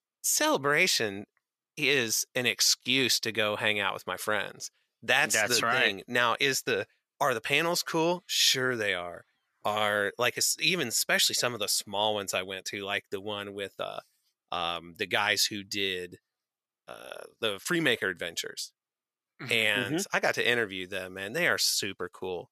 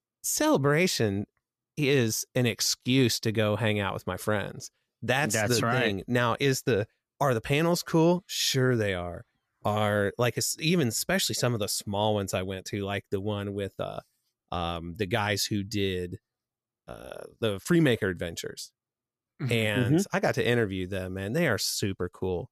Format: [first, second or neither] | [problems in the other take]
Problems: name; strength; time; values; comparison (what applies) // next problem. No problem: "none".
second | thin; somewhat; fading below 750 Hz